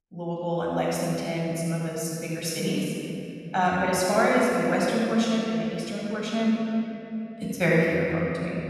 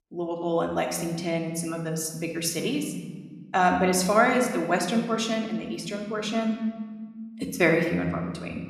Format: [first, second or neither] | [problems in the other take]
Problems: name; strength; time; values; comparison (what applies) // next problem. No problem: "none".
second | room echo; strong; dies away in 3 s; slight in the second // off-mic speech; far